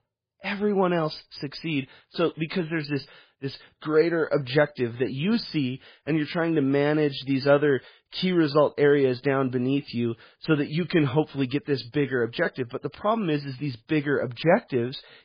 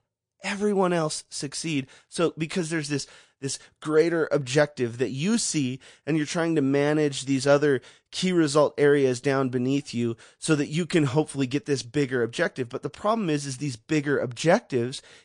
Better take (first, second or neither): second